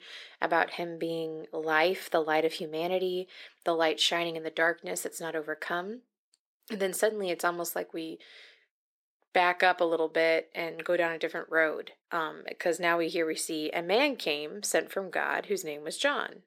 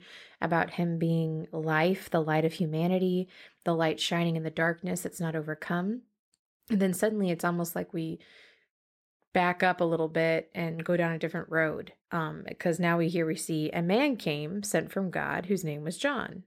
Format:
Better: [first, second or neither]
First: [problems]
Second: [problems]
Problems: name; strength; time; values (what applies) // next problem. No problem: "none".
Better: second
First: thin; very; fading below 350 Hz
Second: none